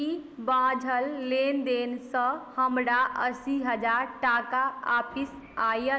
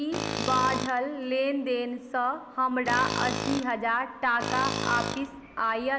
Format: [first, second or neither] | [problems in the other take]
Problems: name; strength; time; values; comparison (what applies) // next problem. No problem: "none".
first | background sound (Tools); 5 dB below the speech